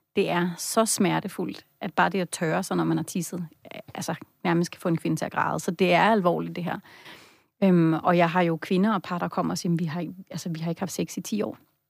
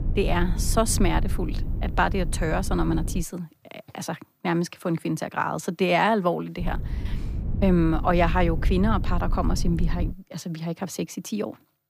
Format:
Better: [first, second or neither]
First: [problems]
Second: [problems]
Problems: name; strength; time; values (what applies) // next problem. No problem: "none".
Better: first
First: none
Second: low rumble; noticeable; until 3 s and from 6.5 to 10 s; 15 dB below the speech